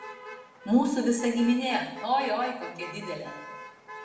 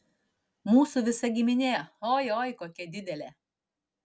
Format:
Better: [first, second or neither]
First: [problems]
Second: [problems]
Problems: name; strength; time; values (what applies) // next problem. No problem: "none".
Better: second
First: background sound (Motor vehicle (road)); 15 dB below the speech // room echo; dies away in 0.9 s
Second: none